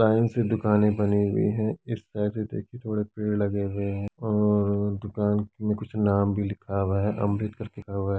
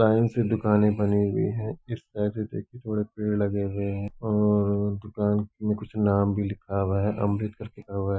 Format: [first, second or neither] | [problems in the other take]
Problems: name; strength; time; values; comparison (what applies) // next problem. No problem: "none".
first | noise reduction (classical method Wiener filter)